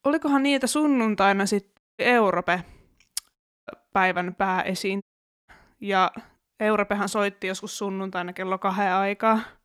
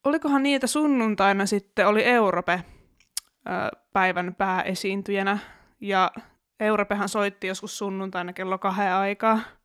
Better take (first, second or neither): second